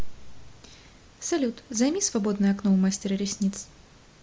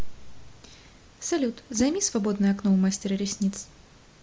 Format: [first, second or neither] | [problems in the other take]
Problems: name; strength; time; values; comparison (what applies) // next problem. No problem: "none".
first | background sound (Whoosh, swoosh, swish); 18 dB below the speech